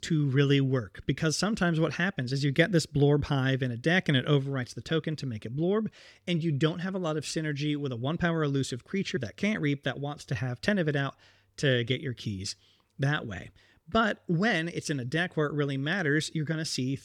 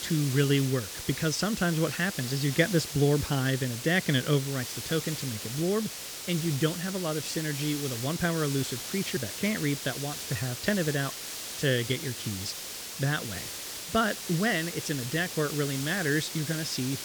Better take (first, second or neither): first